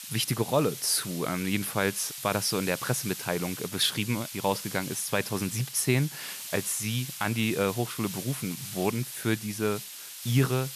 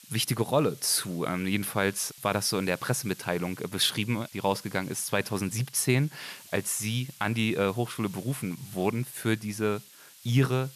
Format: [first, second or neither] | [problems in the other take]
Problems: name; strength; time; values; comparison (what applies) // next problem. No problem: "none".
second | hiss; loud; throughout; 9 dB below the speech; faint in the second